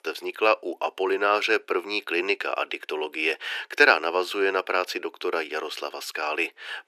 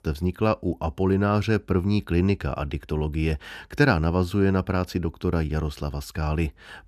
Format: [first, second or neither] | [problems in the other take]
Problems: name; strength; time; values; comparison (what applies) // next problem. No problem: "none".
second | thin; very; fading below 350 Hz